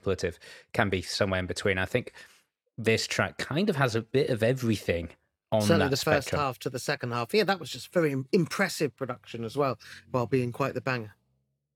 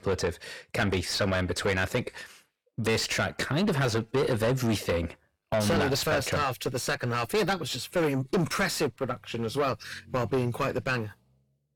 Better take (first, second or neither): first